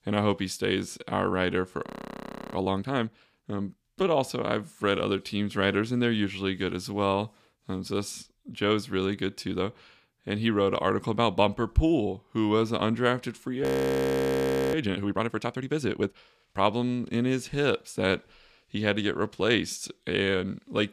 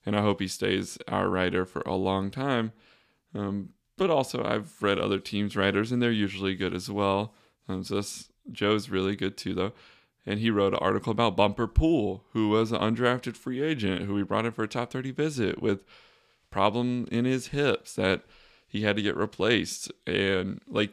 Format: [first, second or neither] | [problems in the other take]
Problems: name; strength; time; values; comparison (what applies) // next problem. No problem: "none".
second | audio freezing; at 2 s for 0.5 s and at 14 s for 1 s